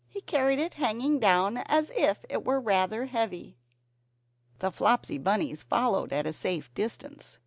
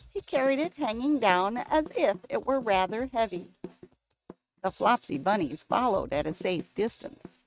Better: first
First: none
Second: noise reduction (neural mask model RNNoise)

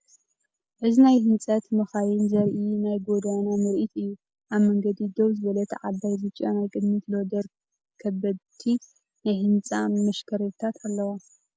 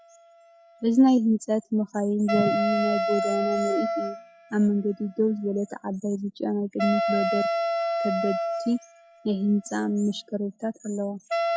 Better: first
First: none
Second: noise reduction (classical method log-MMSE)

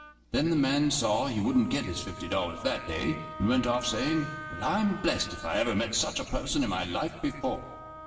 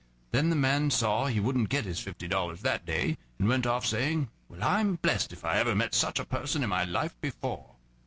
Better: second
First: background sound (Wind instrument, woodwind instrument); 15 dB below the speech // room echo; dies away in 2.4 s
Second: none

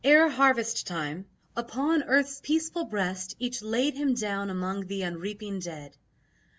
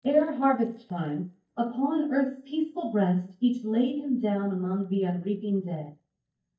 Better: first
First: none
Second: noise reduction (neural mask model DeepFilterNet 3)

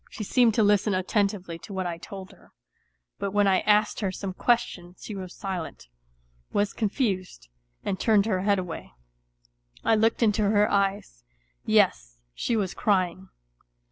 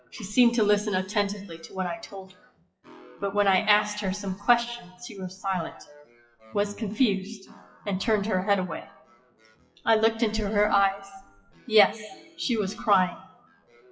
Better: first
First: none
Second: noise reduction (classical method WPE with log-MMSE)

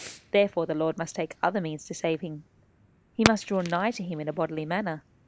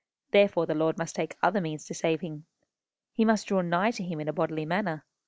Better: second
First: background sound (Fireworks); 8 dB below the speech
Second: none

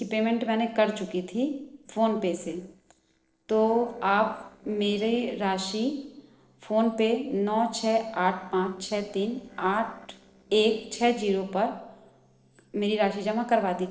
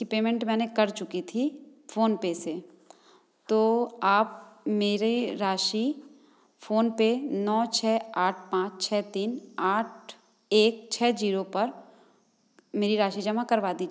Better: second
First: noise reduction (neural separator model SepFormer DNS4)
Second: none

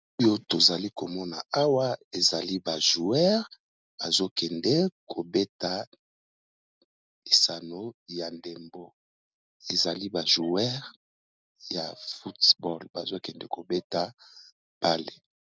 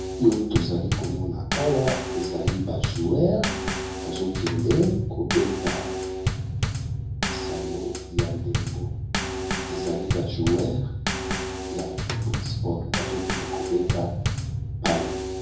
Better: first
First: none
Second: background sound (Bass drum / Snare drum / Drum kit); as loud as the speech // room echo; dies away in 0.7 s

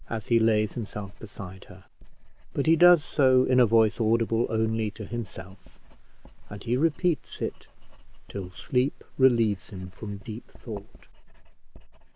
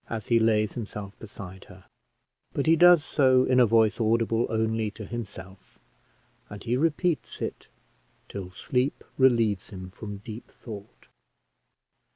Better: second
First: background sound (Writing); 14 dB below the speech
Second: none

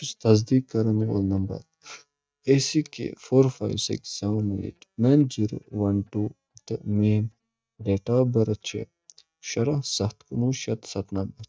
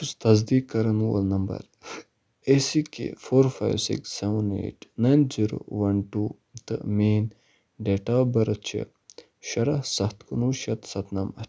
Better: second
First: noise reduction (neural mask model DeepFilterNet 3)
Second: none

